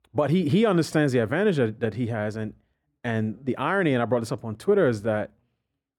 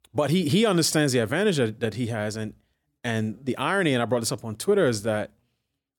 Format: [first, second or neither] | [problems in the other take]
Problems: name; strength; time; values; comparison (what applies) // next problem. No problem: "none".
second | muffled; slightly; fading above 3 kHz